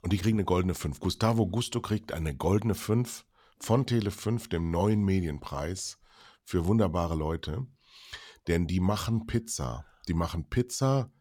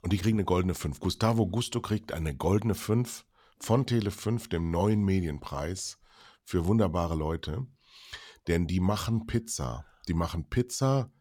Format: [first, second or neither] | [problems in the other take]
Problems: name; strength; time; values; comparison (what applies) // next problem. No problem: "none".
neither | none